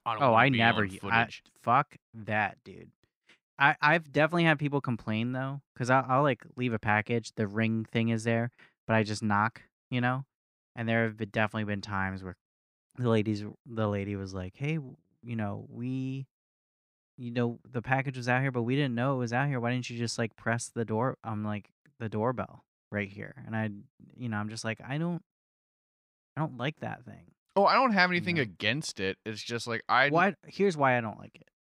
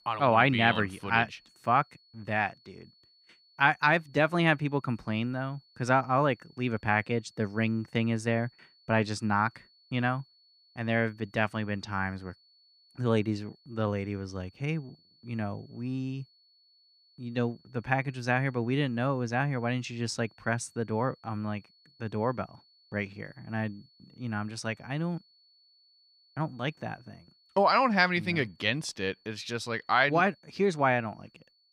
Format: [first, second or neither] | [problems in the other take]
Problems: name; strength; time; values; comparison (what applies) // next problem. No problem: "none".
first | high-pitched whine; faint; throughout; 4.5 kHz, 30 dB below the speech